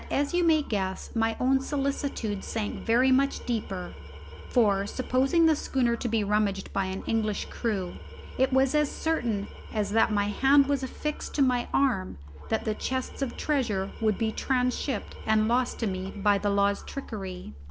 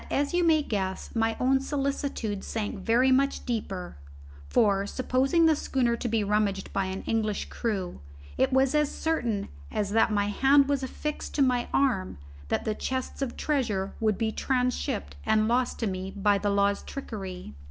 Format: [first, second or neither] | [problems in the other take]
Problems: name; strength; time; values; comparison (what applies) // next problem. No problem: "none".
second | background sound (Tools); 20 dB below the speech